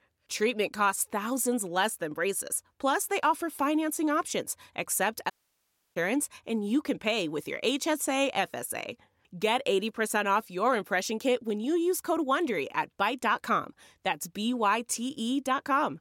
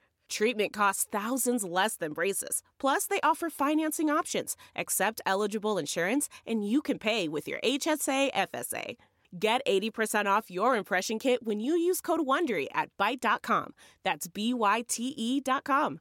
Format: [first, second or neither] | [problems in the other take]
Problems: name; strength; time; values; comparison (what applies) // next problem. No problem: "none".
second | audio cutting out; at 5.5 s for 0.5 s